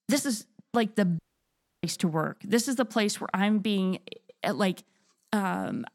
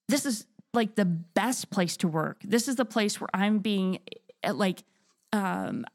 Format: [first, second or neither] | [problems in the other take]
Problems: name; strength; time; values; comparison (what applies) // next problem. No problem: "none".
second | audio cutting out; at 1 s for 0.5 s